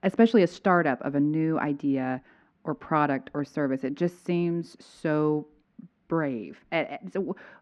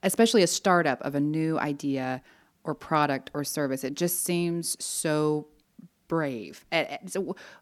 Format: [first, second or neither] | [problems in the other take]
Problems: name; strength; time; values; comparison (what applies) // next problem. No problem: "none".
second | muffled; very; fading above 2 kHz